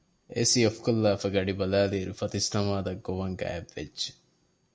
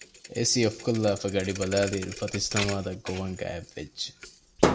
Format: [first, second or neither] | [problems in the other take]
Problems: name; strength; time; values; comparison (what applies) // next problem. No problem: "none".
first | background sound (Thump, thud); 4 dB below the speech